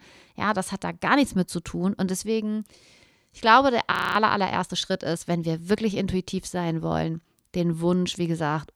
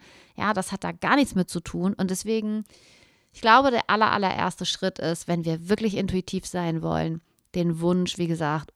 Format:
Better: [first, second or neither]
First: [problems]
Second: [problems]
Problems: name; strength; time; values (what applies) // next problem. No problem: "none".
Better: second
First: audio freezing; at 4 s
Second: none